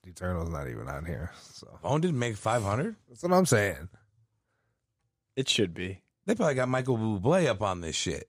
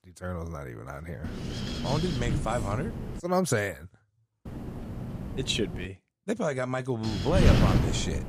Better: first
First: none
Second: wind noise on the microphone; heavy; from 1 to 3 s, from 4.5 to 6 s and from 7 s on; 4 dB below the speech

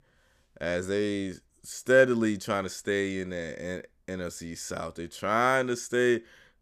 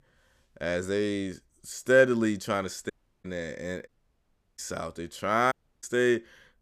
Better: first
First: none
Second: audio cutting out; at 3 s, at 4 s for 0.5 s and at 5.5 s

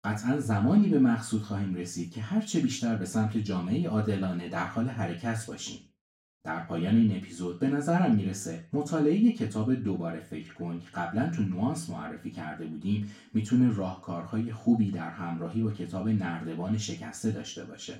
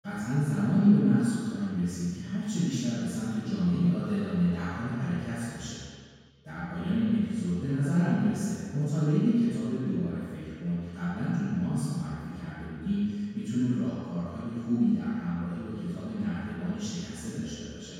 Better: first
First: room echo; slight; dies away in 0.3 s // off-mic speech; far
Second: room echo; strong; dies away in 1.8 s // off-mic speech; far

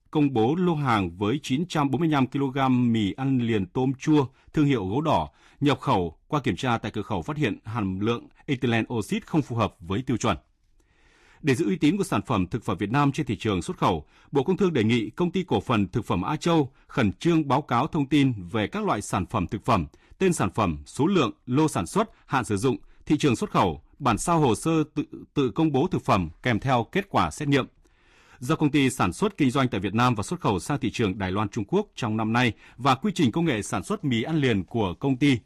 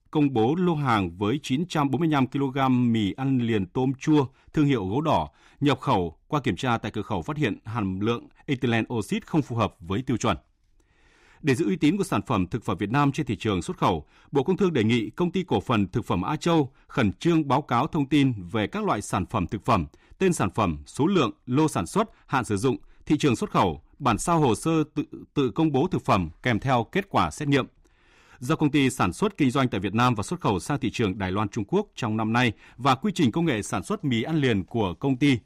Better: second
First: garbled, watery; slightly; nothing above 11.5 kHz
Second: none

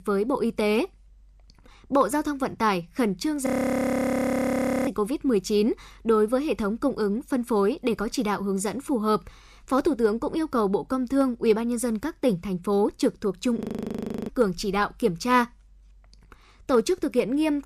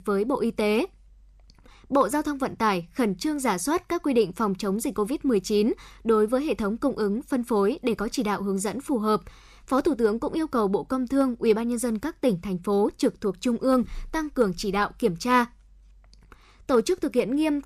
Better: second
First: audio freezing; at 3.5 s for 1.5 s and at 14 s for 0.5 s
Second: none

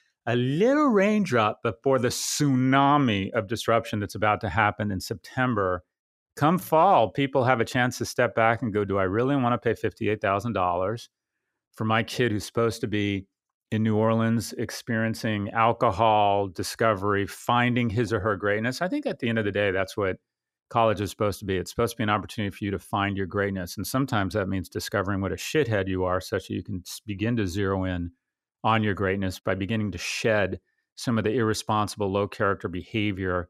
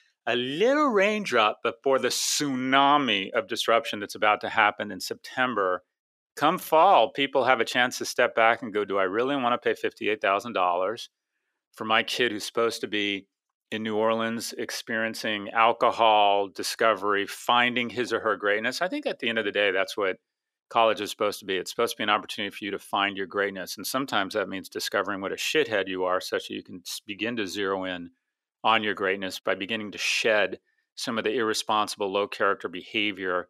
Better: first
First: none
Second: thin; somewhat; fading below 350 Hz

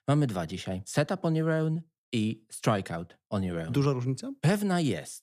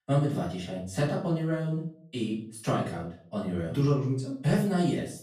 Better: first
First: none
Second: off-mic speech; far // room echo; noticeable; dies away in 0.4 s

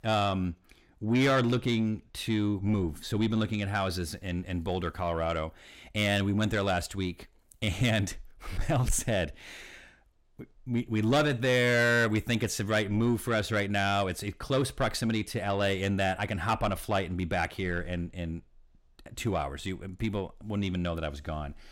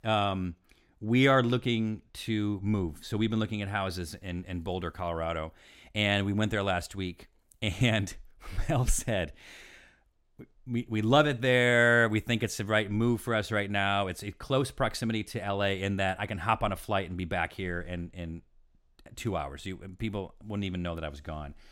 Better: second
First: distortion; slight; 10 dB below the speech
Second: none

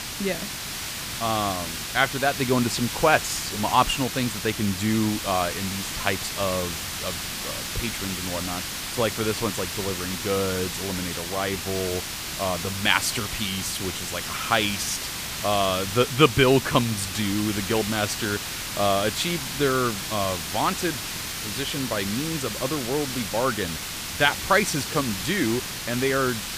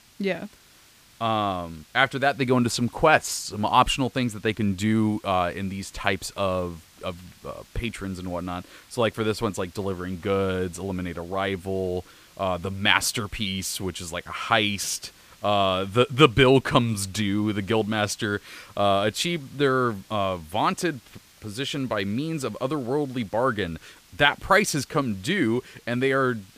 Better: second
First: hiss; loud; throughout; 4 dB below the speech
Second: hiss; faint; throughout; 25 dB below the speech

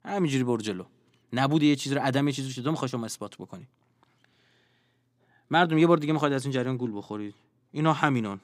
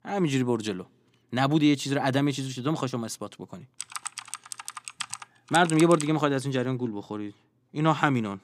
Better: first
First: none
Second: keyboard typing; noticeable; from 4 to 6 s; peak 7 dB below the speech

